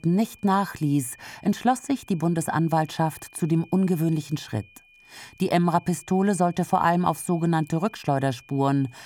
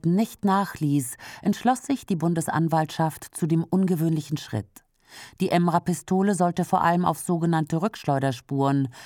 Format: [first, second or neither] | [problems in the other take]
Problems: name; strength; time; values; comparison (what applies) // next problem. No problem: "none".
second | high-pitched whine; faint; throughout; 2.5 kHz, 25 dB below the speech